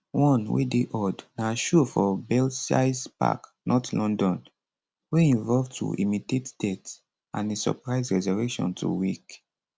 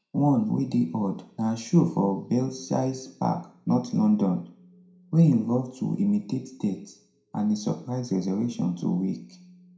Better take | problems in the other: first | room echo; dies away in 0.5 s

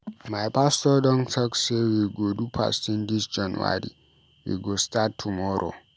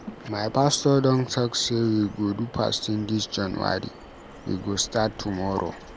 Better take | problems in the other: first | background sound (Bird vocalization, bird call, bird song); 18 dB below the speech

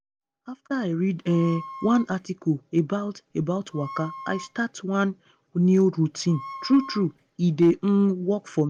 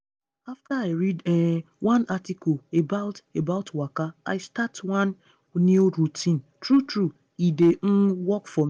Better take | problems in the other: second | background sound (Wind instrument, woodwind instrument); 16 dB below the speech

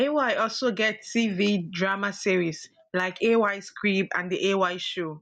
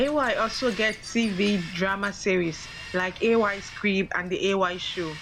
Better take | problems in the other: first | background sound (Bird vocalization, bird call, bird song); 16 dB below the speech

